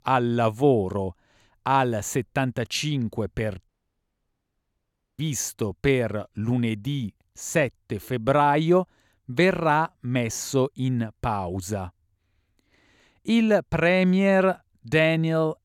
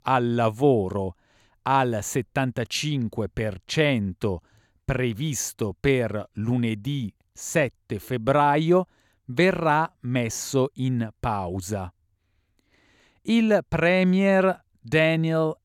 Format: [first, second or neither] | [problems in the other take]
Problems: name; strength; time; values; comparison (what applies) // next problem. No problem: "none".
second | audio cutting out; at 3.5 s for 1.5 s